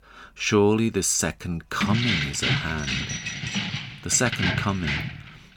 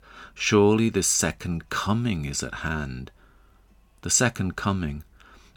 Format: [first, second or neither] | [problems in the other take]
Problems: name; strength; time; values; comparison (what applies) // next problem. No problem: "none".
second | jangling keys; loud; from 2 s on; peak 1 dB above the speech